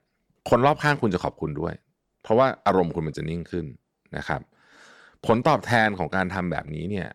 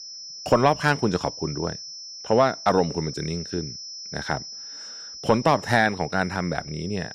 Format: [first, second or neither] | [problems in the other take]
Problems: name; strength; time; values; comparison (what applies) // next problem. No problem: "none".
first | high-pitched whine; noticeable; throughout; 5.5 kHz, 10 dB below the speech